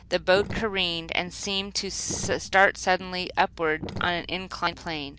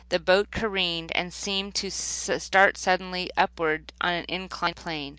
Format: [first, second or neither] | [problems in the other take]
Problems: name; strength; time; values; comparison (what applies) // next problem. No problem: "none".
second | background sound (Sink (filling or washing)); 14 dB below the speech